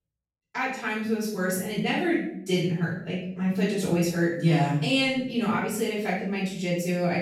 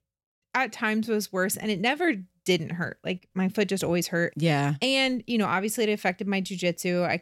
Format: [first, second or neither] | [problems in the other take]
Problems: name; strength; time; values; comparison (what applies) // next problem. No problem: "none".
second | off-mic speech; far // room echo; noticeable; dies away in 0.6 s